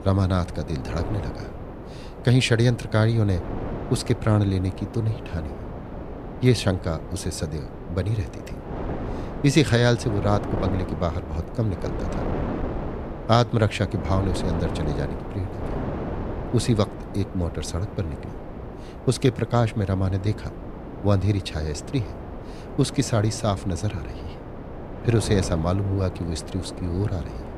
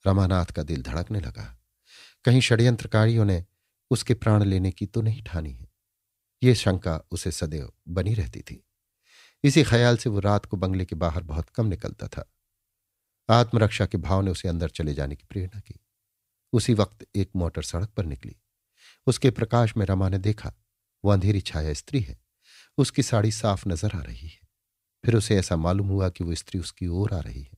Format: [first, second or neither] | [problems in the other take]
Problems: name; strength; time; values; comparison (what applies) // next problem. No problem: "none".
second | wind noise on the microphone; heavy; 9 dB below the speech